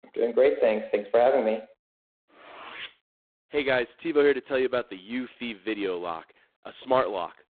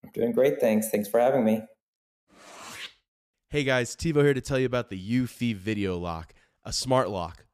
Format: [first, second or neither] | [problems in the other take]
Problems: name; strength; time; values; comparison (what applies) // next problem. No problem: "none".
second | phone-call audio; poor line; nothing above 3.5 kHz